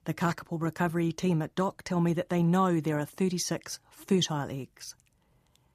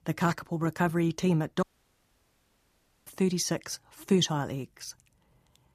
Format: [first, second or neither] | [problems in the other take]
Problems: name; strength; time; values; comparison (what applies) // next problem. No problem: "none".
first | audio cutting out; at 1.5 s for 1.5 s